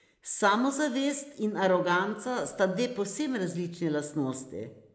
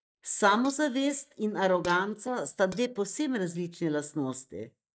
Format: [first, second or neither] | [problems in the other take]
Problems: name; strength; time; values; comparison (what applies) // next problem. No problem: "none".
first | noise reduction (neural mask model DeepFilterNet 3)